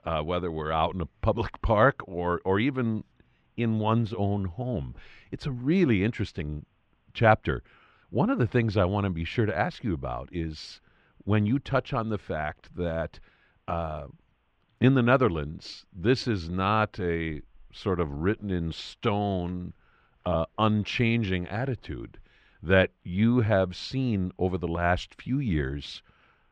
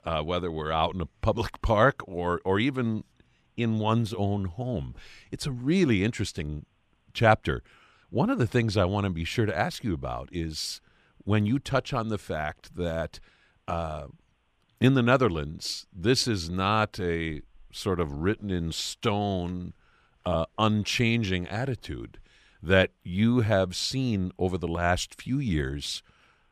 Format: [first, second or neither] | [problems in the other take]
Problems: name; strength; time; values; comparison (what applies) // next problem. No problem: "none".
second | muffled; slightly; fading above 3 kHz